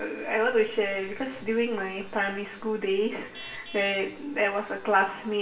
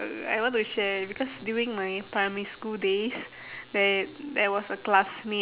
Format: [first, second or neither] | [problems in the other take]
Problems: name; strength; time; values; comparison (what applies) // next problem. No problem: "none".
second | background sound (Traffic noise, roadway noise / Vehicle horn, car horn, honking); 19 dB below the speech // room echo; dies away in 0.7 s